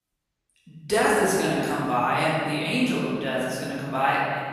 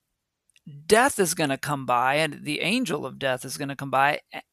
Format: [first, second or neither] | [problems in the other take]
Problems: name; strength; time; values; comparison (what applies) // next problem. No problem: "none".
second | room echo; strong; dies away in 2.8 s // off-mic speech; far